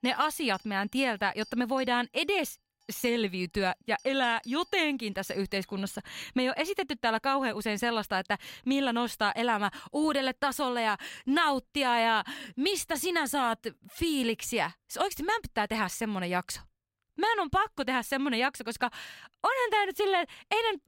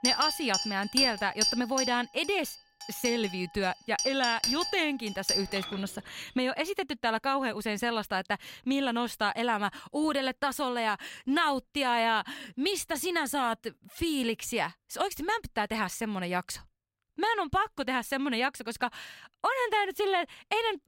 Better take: first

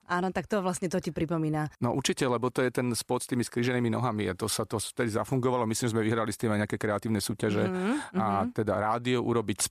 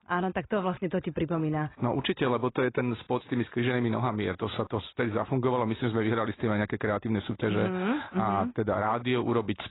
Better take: first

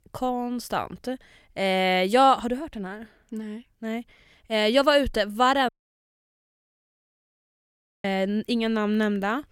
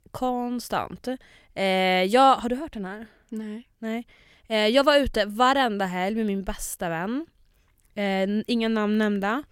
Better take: second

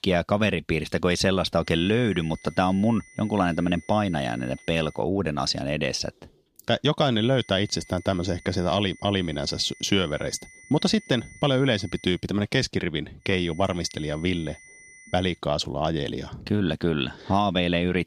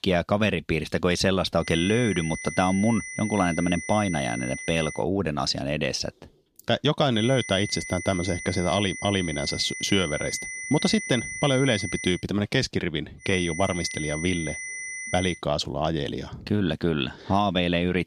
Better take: first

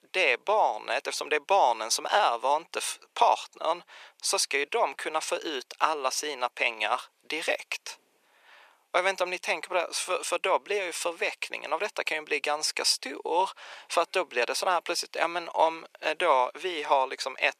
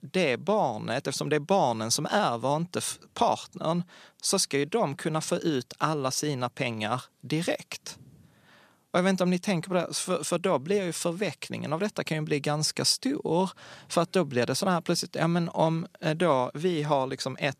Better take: second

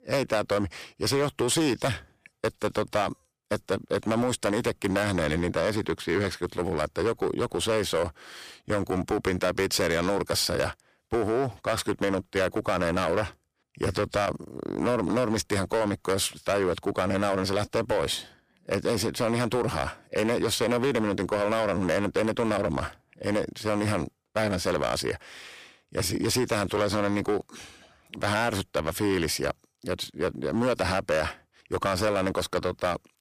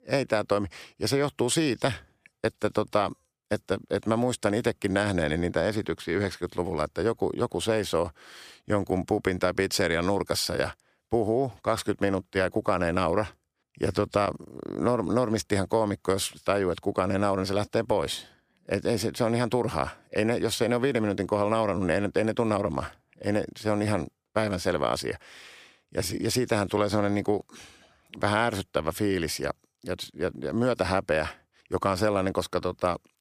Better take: second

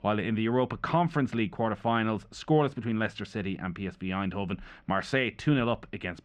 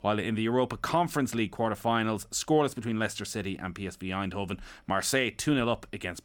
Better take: second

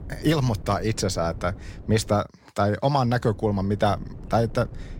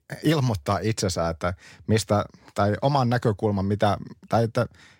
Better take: second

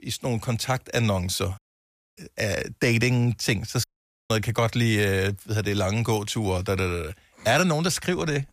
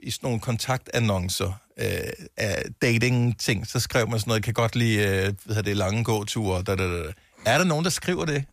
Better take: second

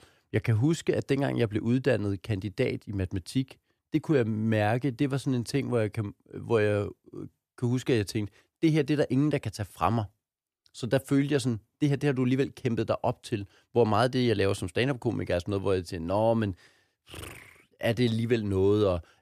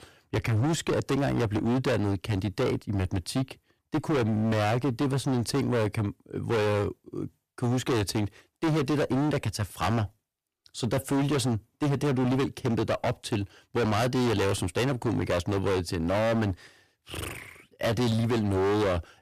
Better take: first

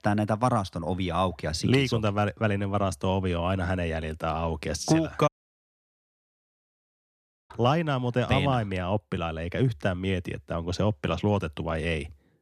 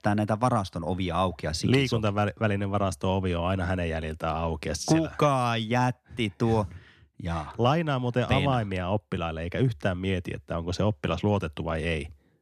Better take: second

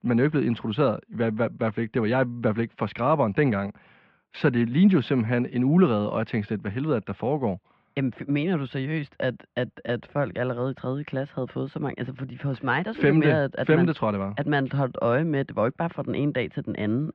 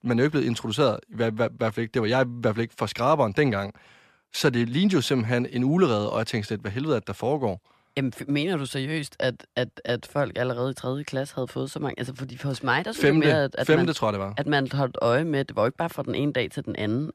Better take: second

